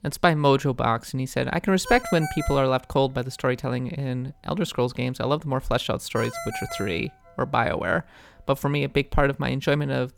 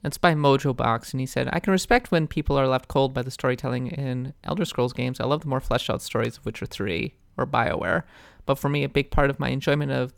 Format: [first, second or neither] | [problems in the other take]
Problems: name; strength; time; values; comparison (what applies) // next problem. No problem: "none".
second | phone ringing; noticeable; from 2 to 7 s; peak 8 dB below the speech